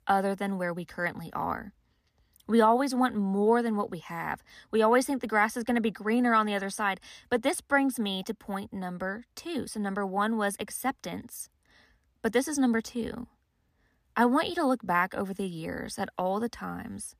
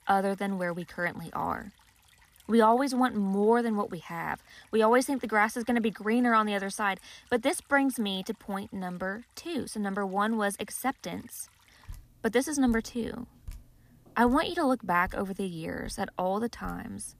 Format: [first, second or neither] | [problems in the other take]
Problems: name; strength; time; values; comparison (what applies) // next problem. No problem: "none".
first | rain or running water; faint; throughout; 25 dB below the speech